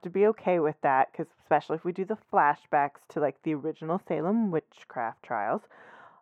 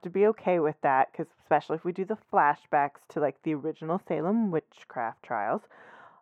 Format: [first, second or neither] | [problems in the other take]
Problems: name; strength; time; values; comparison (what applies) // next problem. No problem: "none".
neither | muffled; very; fading above 3 kHz; the same in both